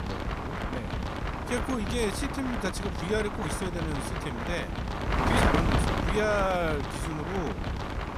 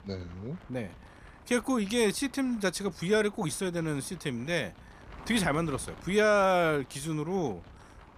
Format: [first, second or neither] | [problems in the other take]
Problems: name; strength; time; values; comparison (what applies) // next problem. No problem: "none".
second | wind noise on the microphone; heavy; as loud as the speech; occasional gusts in the second